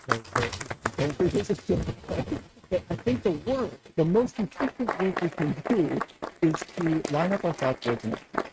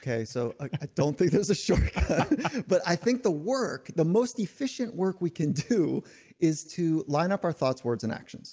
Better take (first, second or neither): second